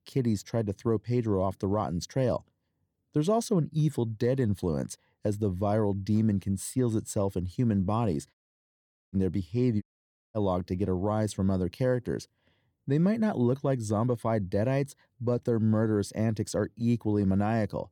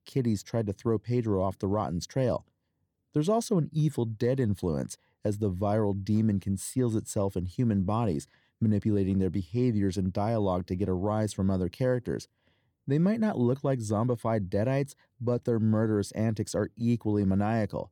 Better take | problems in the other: second | audio cutting out; at 8.5 s for 1 s and at 10 s for 0.5 s

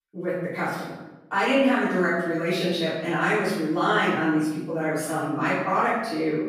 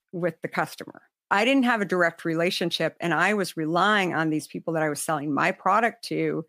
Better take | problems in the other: second | off-mic speech; far // room echo; strong; dies away in 0.9 s

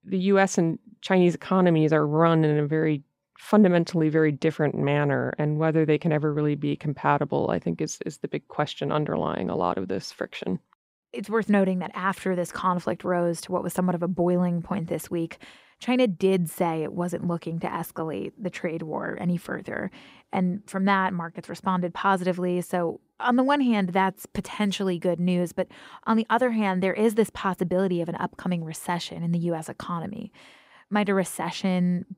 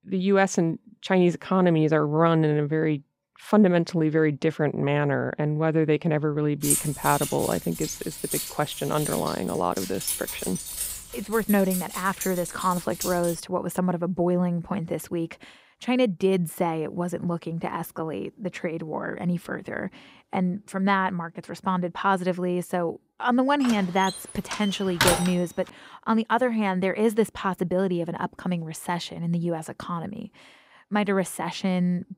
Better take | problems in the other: first | jangling keys; loud; from 6.5 to 13 s; peak 2 dB above the speech // door banging; loud; from 24 to 25 s; peak 4 dB above the speech

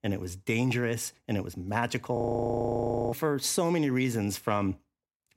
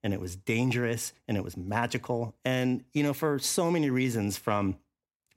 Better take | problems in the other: second | audio freezing; at 2 s for 1 s

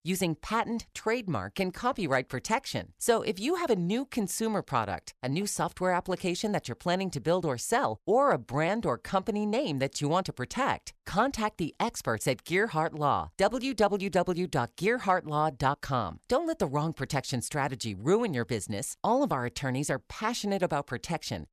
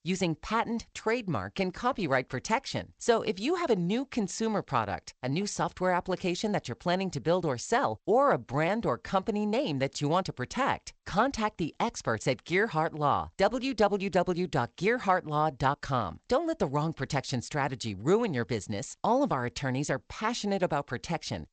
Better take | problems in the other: first | garbled, watery; slightly; nothing above 8 kHz

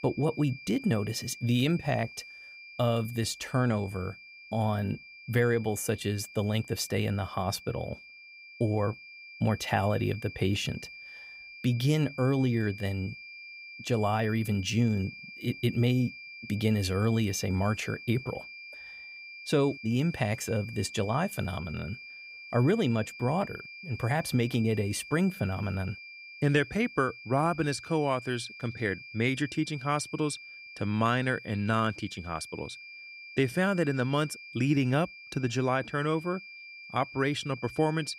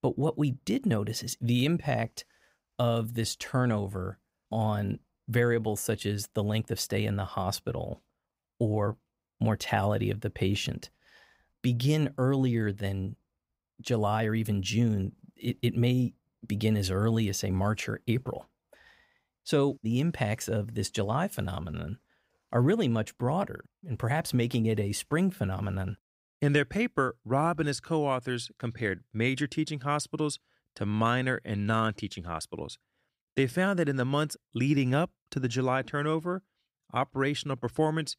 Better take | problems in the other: second | high-pitched whine; noticeable; throughout; 2.5 kHz, 15 dB below the speech

